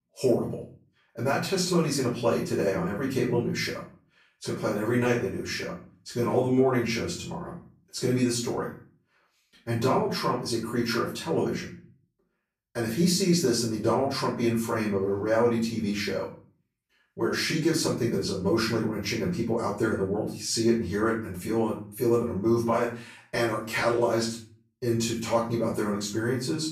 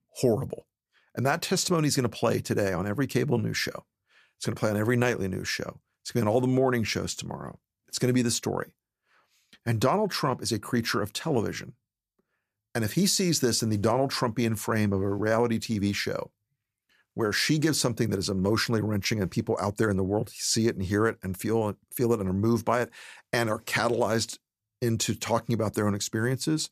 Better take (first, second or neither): second